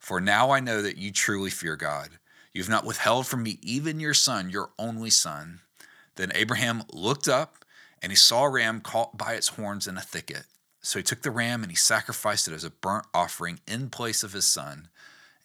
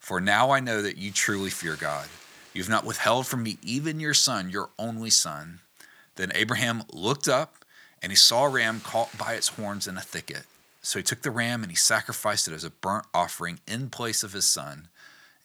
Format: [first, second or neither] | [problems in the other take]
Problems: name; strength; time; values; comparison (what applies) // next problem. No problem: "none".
first | hiss; faint; throughout; 25 dB below the speech